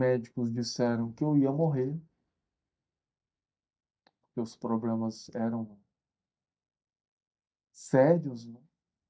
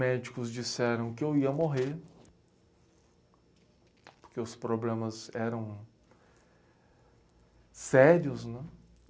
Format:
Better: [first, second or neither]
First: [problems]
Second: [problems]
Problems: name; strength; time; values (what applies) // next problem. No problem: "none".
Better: second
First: noise reduction (neural mask model DeepFilterNet 3)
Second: none